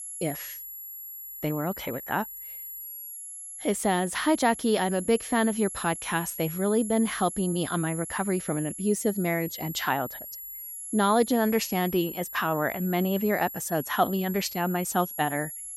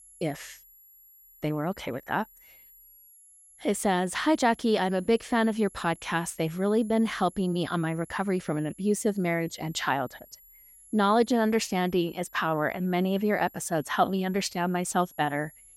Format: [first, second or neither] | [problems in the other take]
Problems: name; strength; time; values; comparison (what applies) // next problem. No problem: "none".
second | high-pitched whine; loud; throughout; 11.5 kHz, 9 dB below the speech; faint in the second